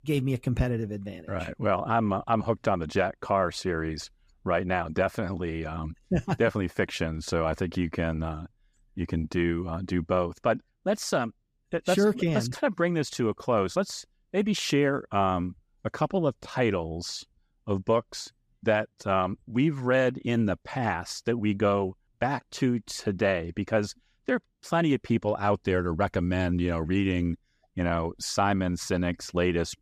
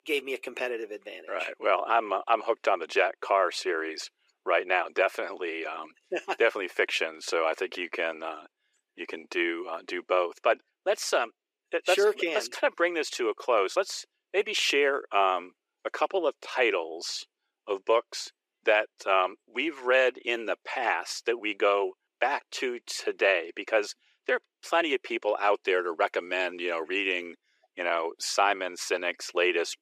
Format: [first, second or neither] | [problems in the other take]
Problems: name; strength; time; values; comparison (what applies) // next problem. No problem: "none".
first | thin; very; fading below 350 Hz